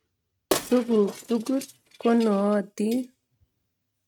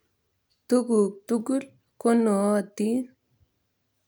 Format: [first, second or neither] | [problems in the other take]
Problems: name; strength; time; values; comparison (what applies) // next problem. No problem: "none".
second | noise reduction (neural mask model RNNoise)